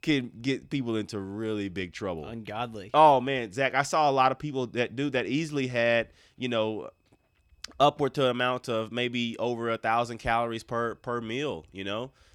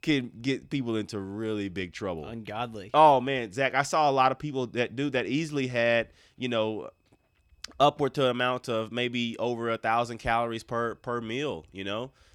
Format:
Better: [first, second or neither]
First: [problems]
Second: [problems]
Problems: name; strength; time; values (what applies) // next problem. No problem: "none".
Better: neither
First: none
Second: none